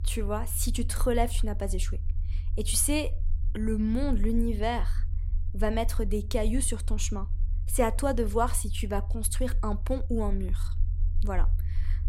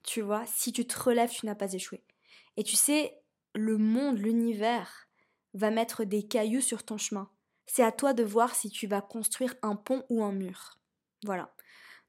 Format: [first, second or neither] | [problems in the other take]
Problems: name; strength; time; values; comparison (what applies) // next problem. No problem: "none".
second | low rumble; faint; throughout; 20 dB below the speech